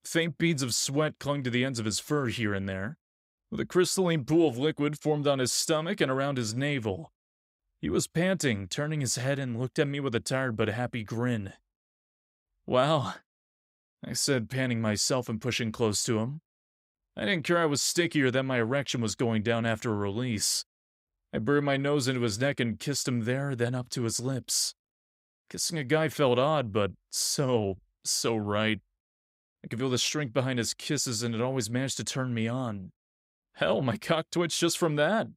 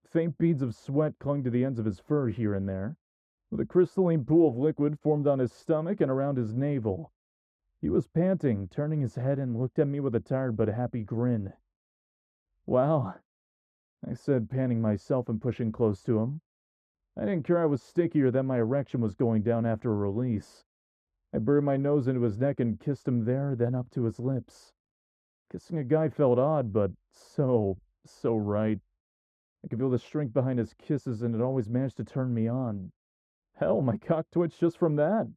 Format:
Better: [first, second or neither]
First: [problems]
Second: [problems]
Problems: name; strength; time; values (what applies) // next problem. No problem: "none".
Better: first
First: none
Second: muffled; very; fading above 2 kHz